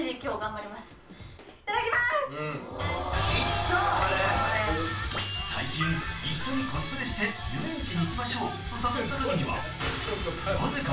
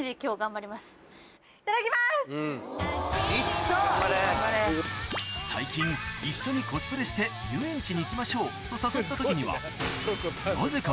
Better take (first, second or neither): second